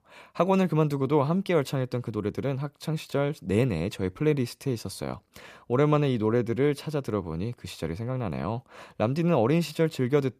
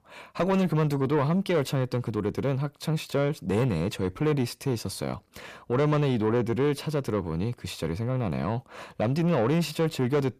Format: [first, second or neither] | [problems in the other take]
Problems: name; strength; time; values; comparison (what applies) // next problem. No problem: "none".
first | distortion; slight; 10 dB below the speech